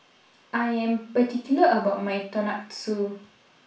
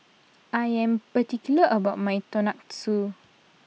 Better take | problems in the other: second | room echo; dies away in 0.3 s

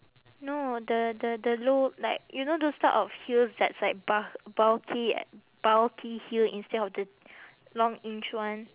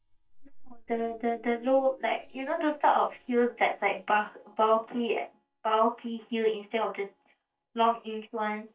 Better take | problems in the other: first | noise reduction (neural mask model DeepFilterNet 3)

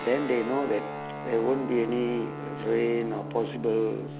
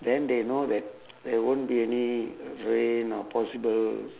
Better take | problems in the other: second | background sound (Guitar); 9 dB below the speech

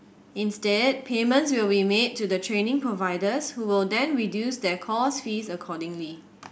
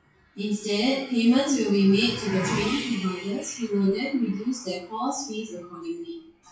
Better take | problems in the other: first | noise reduction (classical method WPE with log-MMSE)

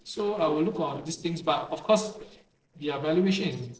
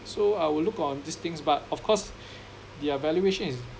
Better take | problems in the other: second | noise reduction (neural separator model SepFormer DNS4)

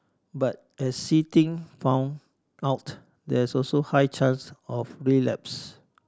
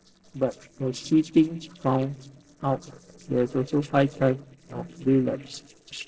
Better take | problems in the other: first | noise reduction (neural separator model SepFormer DNS4)

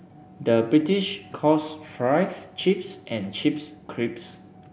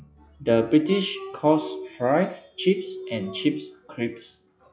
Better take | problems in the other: first | noise reduction (classical method log-MMSE)

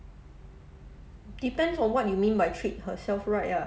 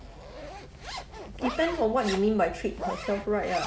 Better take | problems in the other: first | background sound (Zipper (clothing)); 10 dB below the speech

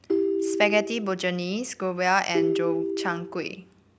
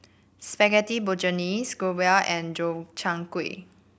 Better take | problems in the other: second | background sound (Ringtone); 1 dB below the speech

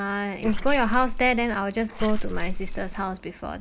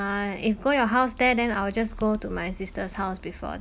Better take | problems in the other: second | noise reduction (neural mask model Resemble Enhance denoiser)

